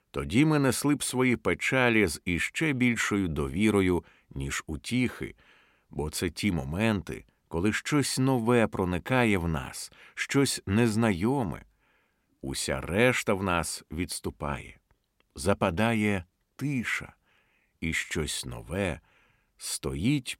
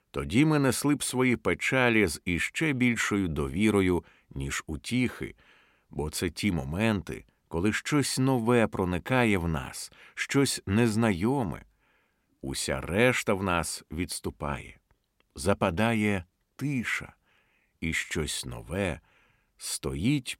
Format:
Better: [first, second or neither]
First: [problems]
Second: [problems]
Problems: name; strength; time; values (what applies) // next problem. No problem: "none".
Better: neither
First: none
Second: none